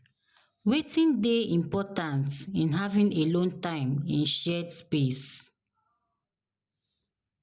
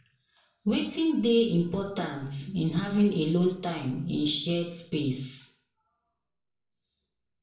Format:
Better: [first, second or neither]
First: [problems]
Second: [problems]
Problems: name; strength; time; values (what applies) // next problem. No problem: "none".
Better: first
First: none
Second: room echo; dies away in 0.5 s